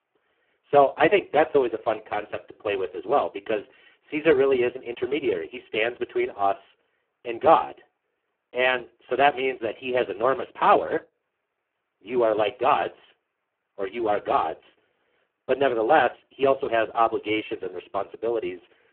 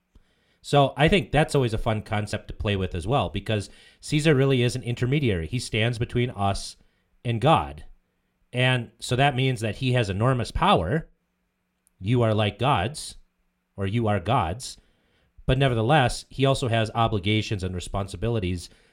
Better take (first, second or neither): second